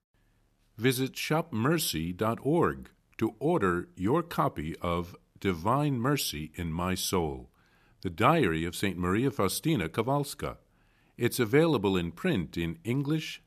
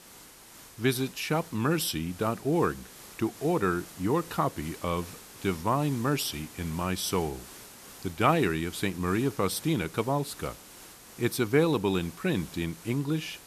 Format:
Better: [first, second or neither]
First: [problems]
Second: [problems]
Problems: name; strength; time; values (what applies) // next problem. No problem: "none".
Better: first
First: none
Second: hiss; noticeable; throughout; 15 dB below the speech